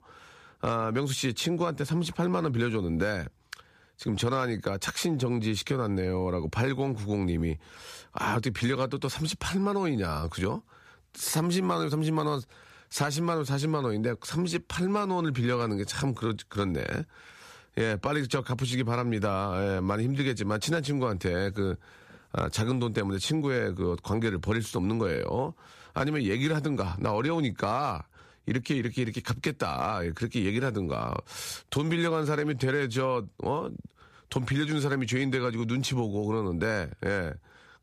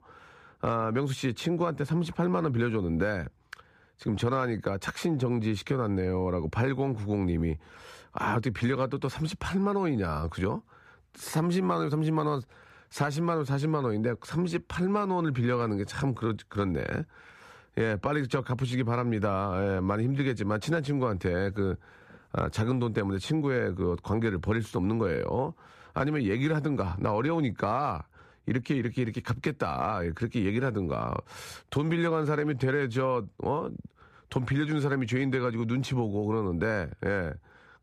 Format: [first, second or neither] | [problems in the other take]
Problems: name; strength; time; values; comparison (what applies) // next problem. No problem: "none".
first | muffled; slightly; fading above 3 kHz